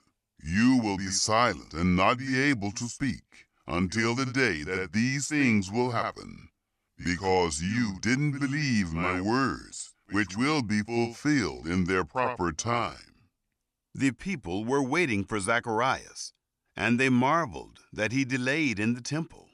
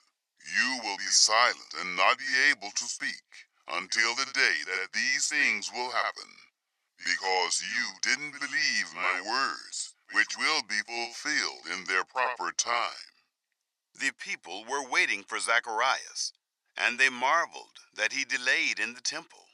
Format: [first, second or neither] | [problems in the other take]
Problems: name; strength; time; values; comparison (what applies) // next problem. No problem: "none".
first | thin; very; fading below 750 Hz